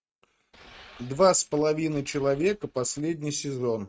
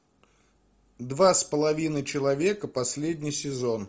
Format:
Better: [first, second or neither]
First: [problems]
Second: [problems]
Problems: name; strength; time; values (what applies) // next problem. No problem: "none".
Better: second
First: noise reduction (neural mask model RNNoise)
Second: none